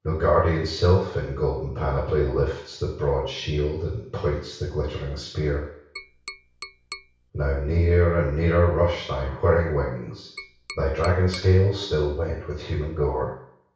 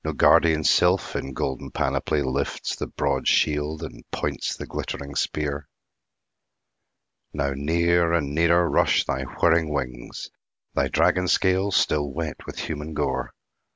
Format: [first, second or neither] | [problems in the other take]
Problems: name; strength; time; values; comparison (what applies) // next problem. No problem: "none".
second | background sound (Tap); 18 dB below the speech // room echo; dies away in 0.6 s